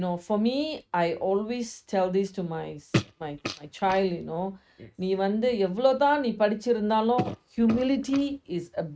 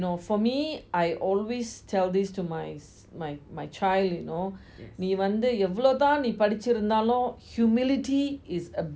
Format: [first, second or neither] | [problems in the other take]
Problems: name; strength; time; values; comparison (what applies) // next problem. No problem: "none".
second | noise reduction (neural mask model RNNoise)